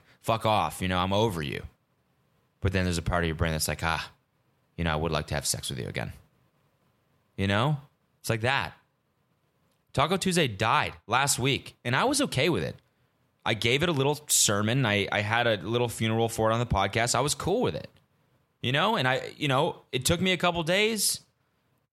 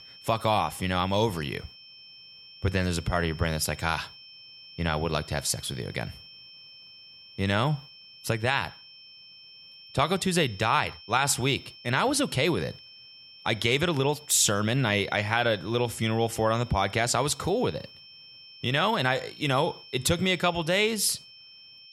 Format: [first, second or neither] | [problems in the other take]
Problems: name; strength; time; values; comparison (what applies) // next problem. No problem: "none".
first | high-pitched whine; noticeable; throughout; 5.5 kHz, 20 dB below the speech